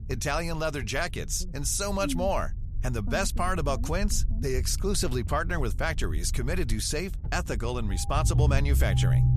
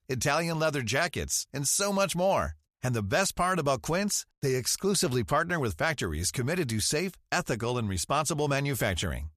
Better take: second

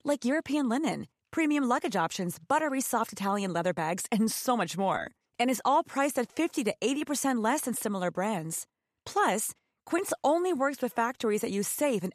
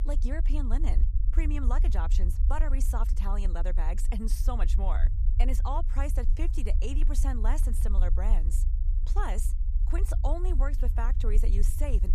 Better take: first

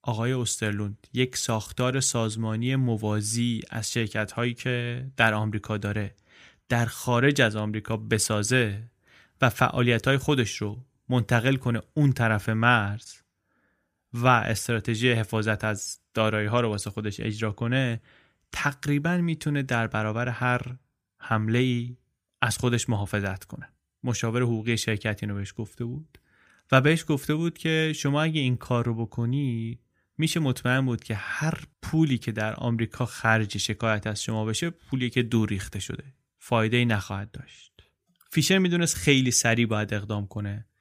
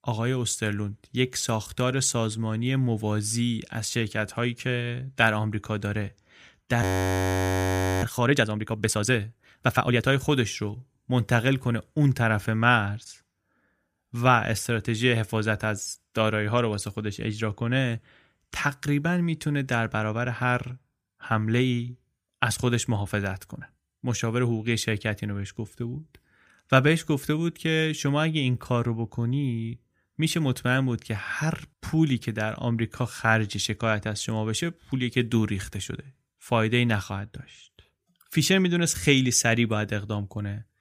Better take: first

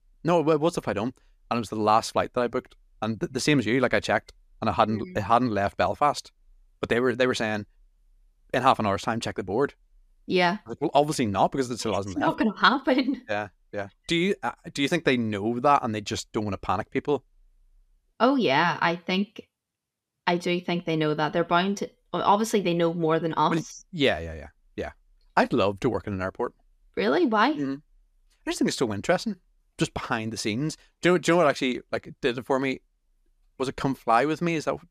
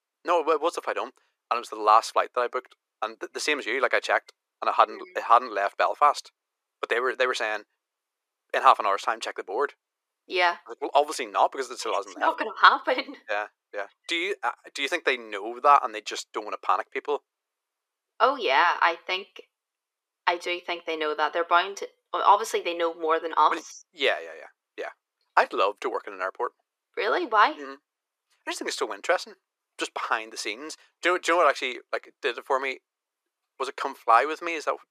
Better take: first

